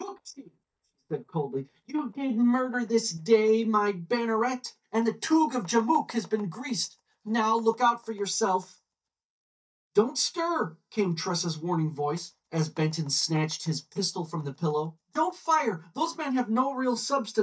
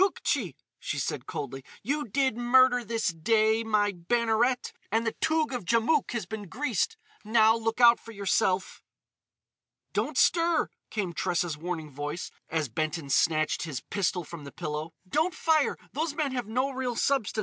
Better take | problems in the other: second | noise reduction (neural mask model DeepFilterNet 3)

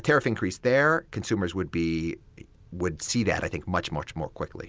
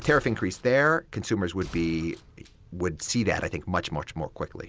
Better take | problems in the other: first | background sound (Gunshot, gunfire); 19 dB below the speech

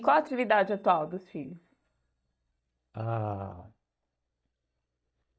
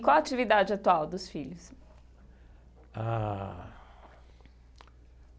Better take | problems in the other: second | noise reduction (neural mask model DeepFilterNet 3)

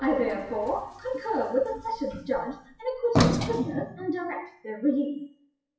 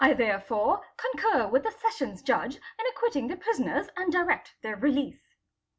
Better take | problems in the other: second | noise reduction (classical method WPE with log-MMSE)

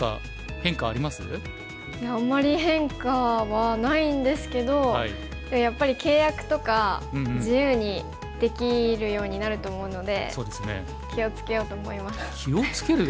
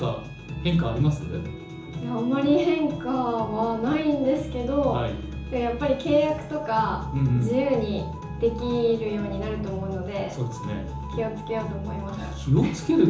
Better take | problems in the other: first | room echo; dies away in 0.7 s

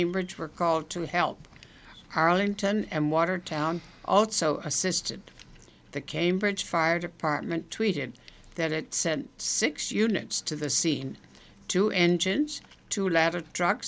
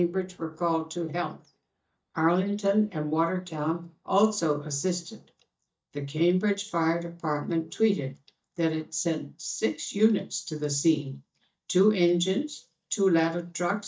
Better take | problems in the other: first | noise reduction (neural mask model DeepFilterNet 3)

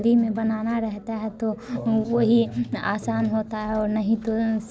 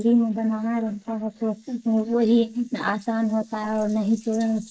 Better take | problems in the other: first | noise reduction (neural mask model Resemble Enhance denoiser)

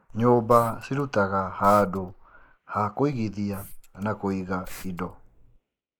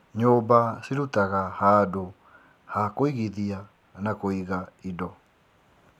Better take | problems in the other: second | noise reduction (neural mask model Resemble Enhance denoiser)

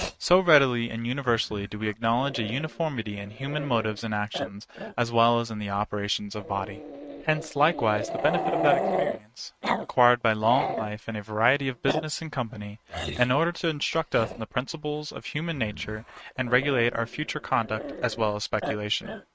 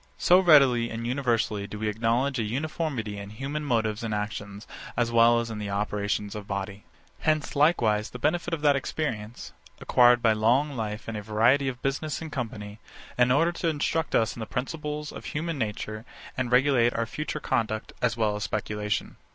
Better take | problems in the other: second | noise reduction (neural mask model RNNoise)

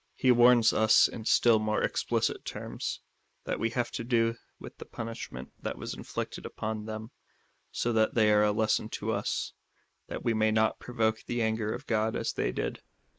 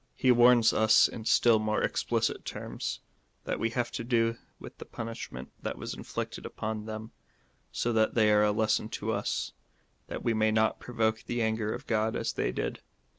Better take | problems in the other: second | noise reduction (neural mask model Resemble Enhance denoiser)

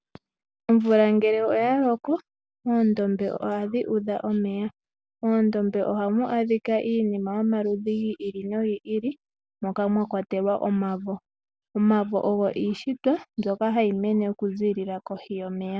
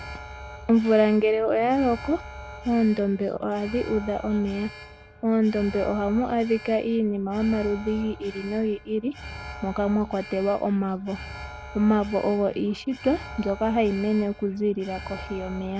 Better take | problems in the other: first | background sound (Alarm); 15 dB below the speech

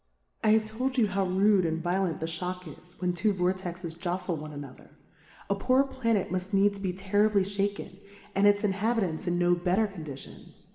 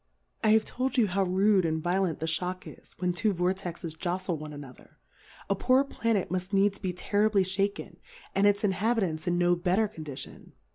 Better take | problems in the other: second | room echo; dies away in 1.5 s

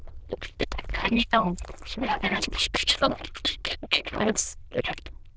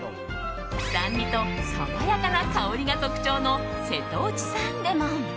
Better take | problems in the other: second | noise reduction (neural diffusion model UNIVERSE++)

